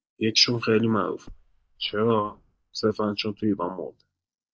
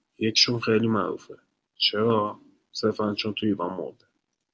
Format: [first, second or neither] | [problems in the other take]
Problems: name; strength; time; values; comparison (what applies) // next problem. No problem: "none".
second | noise reduction (neural mask model DeepFilterNet 3)